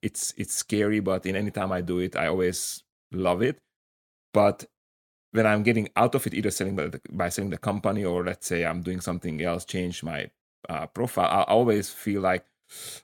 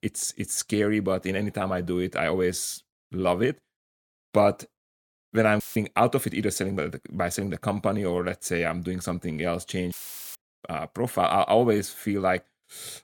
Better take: first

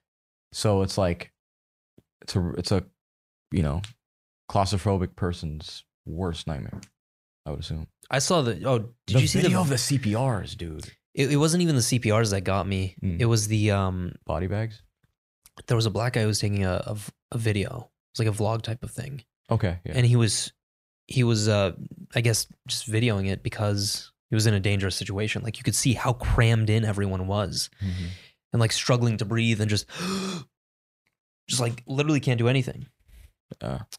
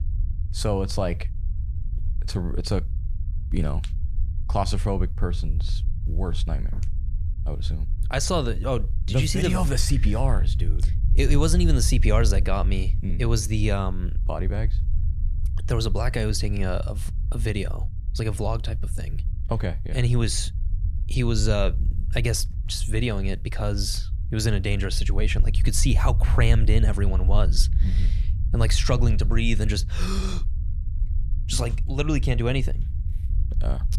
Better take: first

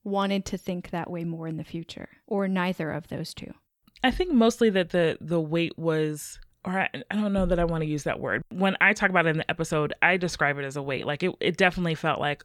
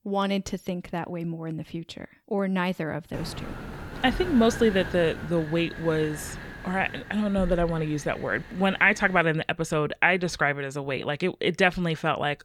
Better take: first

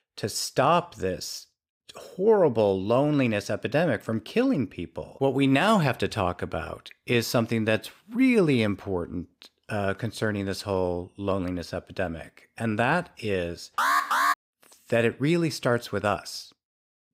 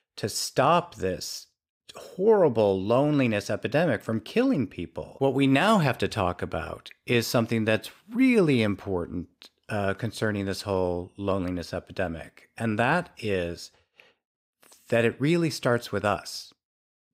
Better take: second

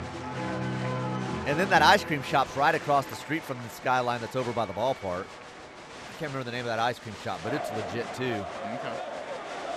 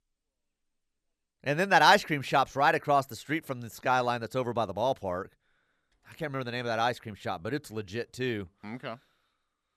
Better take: second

